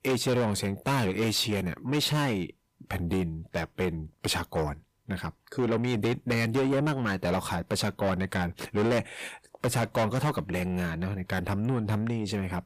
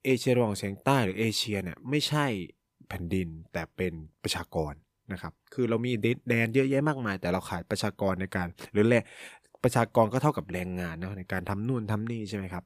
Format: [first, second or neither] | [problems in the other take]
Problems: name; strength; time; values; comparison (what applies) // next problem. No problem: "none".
second | distortion; heavy; 6 dB below the speech